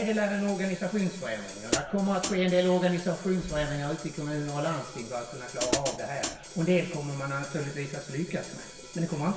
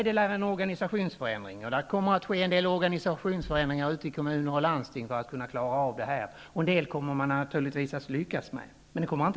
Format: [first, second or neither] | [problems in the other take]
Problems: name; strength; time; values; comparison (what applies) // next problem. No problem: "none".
second | background sound (Hi-hat); 10 dB below the speech // room echo; dies away in 0.9 s